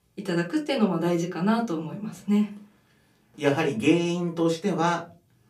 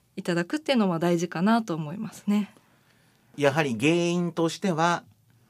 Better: second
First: off-mic speech; somewhat distant // room echo; very slight; dies away in 0.2 s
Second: none

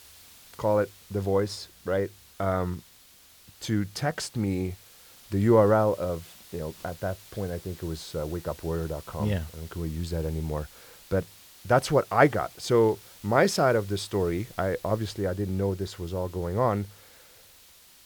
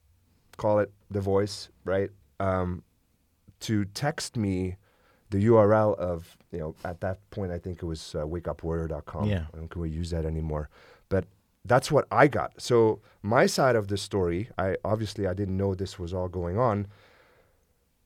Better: second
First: hiss; faint; throughout; 20 dB below the speech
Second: none

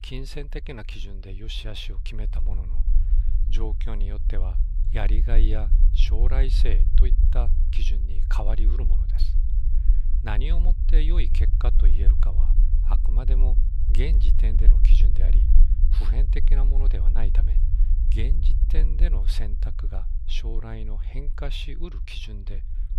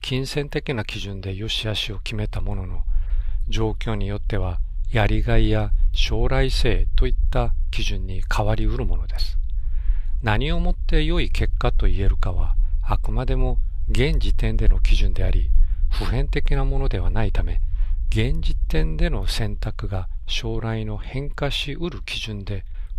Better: second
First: low rumble; loud; throughout; 8 dB below the speech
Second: low rumble; faint; throughout; 25 dB below the speech

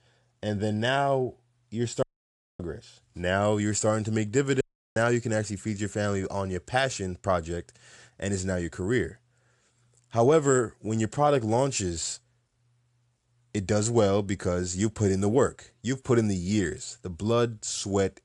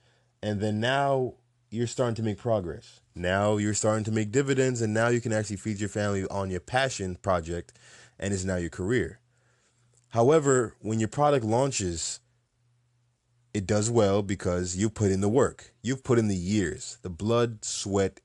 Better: second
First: audio cutting out; at 2 s for 0.5 s and at 4.5 s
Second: none

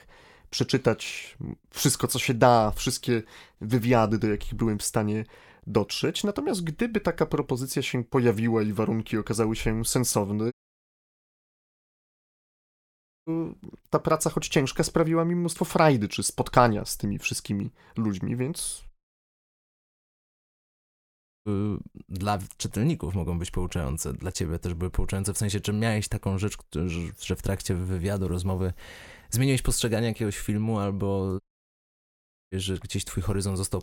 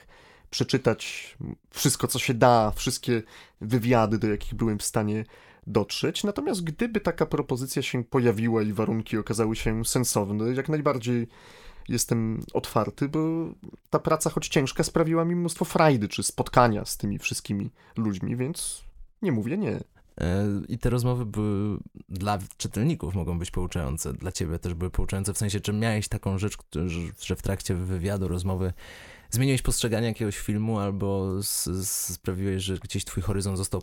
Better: second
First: audio cutting out; at 11 s for 2.5 s, at 19 s for 2.5 s and at 31 s for 1 s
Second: none

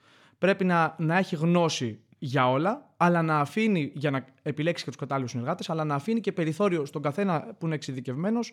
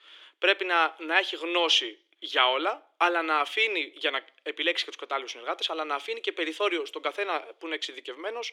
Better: first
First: none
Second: thin; very; fading below 300 Hz

